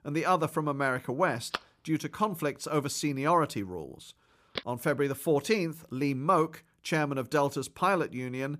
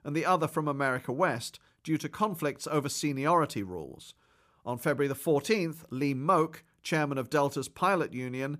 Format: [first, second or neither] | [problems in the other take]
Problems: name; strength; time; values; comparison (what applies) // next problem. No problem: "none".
second | phone ringing; noticeable; from 1.5 to 4.5 s; peak 9 dB below the speech